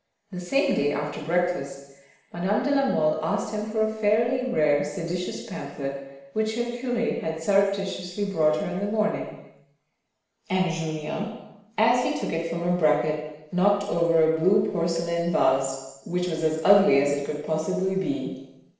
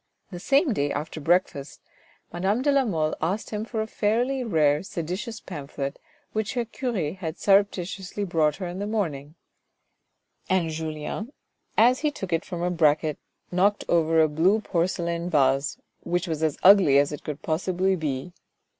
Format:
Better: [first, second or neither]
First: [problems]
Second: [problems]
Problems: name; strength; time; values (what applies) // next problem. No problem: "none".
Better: second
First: room echo; dies away in 1 s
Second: none